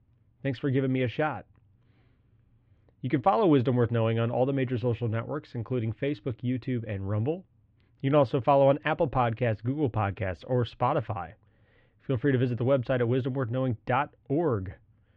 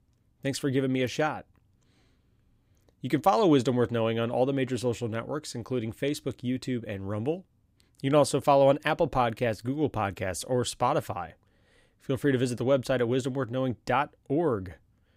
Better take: second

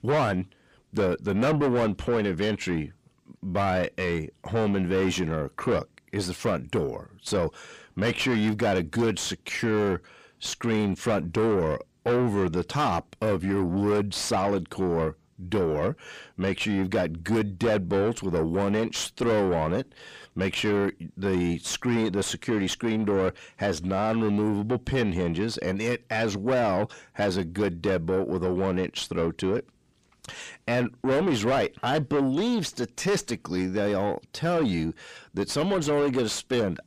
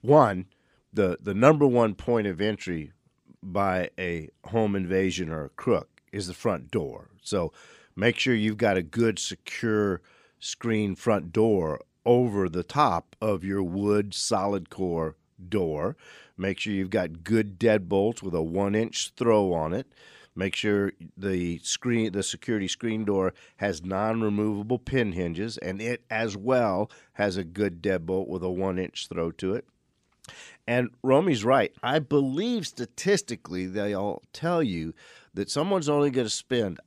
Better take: second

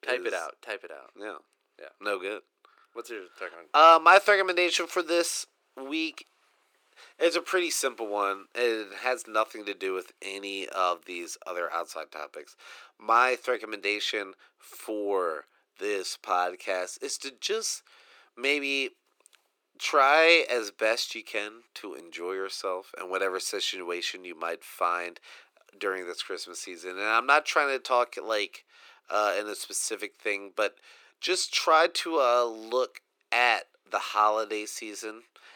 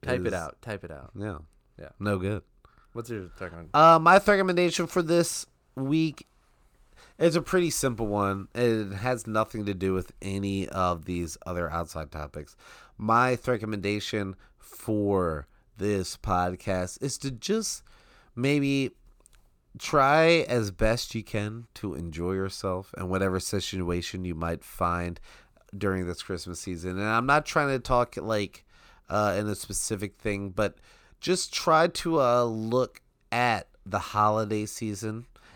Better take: second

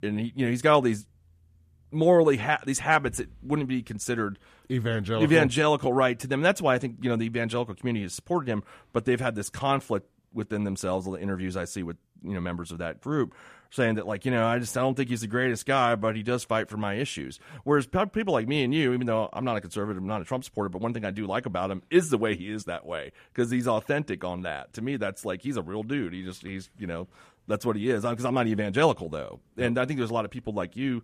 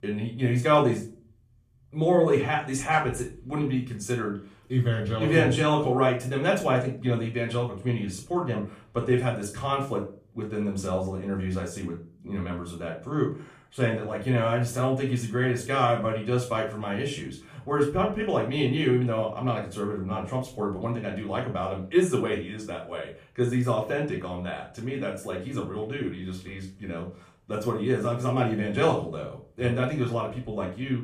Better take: first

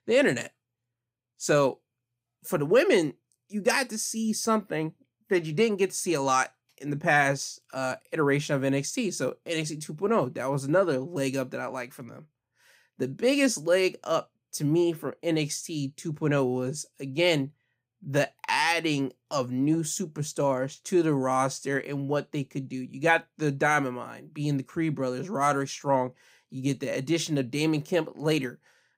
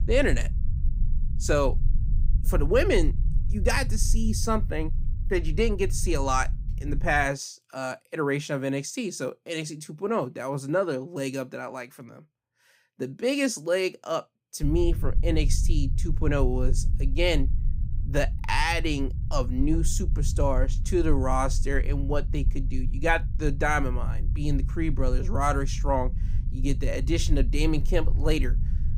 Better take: first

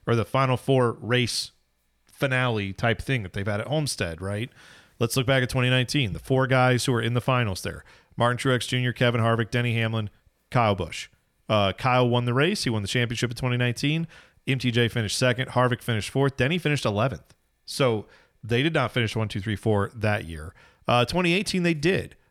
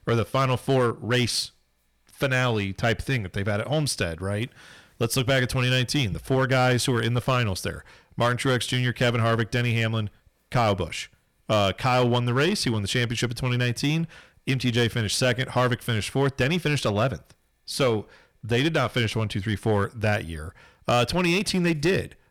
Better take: first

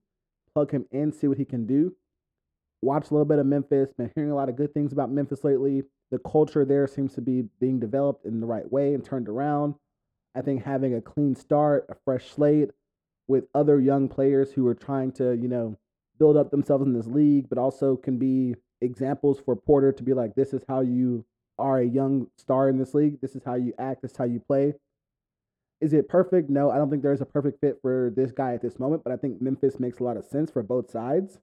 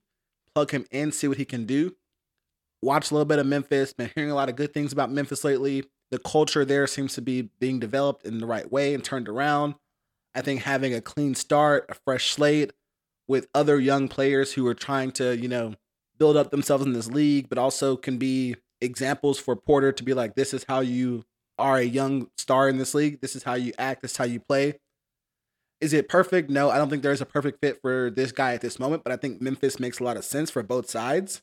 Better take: second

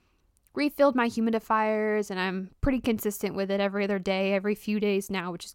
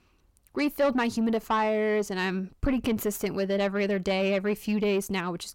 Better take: first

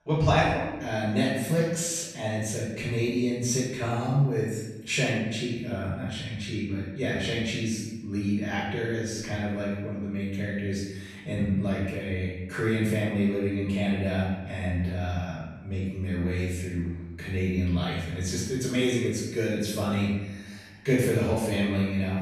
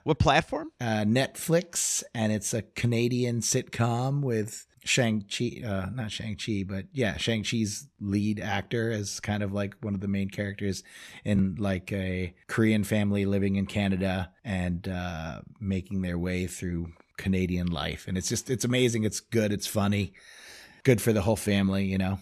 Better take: second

